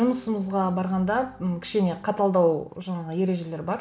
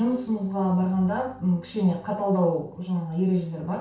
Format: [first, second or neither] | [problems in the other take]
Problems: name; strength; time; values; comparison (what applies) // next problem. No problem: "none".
first | room echo; dies away in 0.3 s